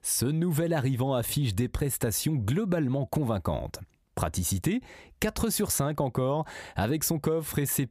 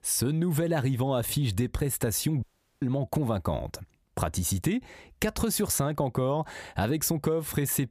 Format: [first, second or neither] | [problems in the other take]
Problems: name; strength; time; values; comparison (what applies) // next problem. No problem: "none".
first | audio cutting out; at 2.5 s